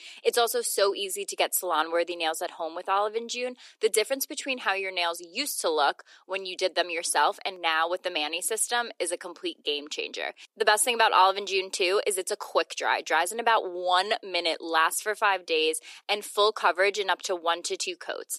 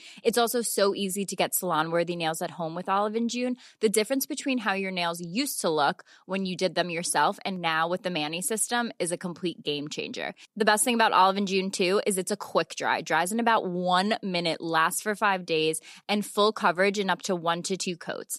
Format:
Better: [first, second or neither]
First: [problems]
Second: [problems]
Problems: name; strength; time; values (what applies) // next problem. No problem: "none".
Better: second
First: thin; very; fading below 350 Hz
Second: none